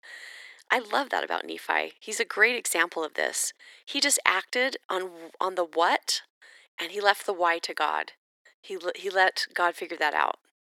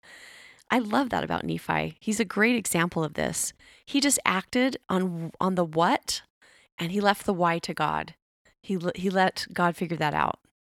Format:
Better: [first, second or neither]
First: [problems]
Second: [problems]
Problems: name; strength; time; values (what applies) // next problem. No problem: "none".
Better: second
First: thin; very; fading below 350 Hz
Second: none